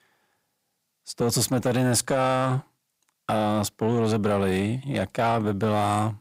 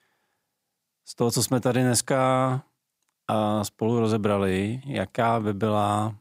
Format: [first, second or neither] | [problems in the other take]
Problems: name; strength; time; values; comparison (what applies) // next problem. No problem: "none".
second | distortion; slight; 10 dB below the speech